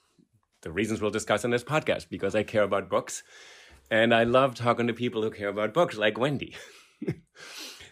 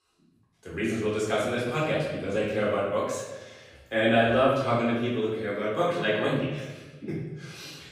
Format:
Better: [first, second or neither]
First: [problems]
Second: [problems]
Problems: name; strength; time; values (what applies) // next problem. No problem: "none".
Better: first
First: none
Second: off-mic speech; far // room echo; noticeable; dies away in 1 s